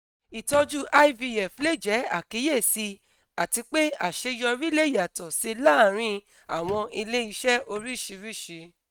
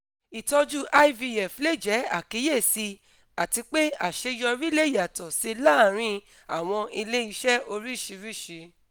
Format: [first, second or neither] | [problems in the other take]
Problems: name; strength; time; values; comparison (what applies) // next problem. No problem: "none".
second | noise reduction (neural mask model RNNoise)